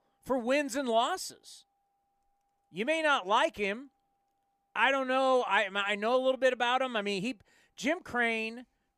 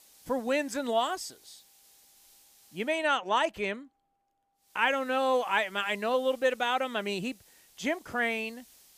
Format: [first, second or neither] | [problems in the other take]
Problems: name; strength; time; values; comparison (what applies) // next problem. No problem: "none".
first | hiss; faint; until 3 s and from 4.5 s on; 25 dB below the speech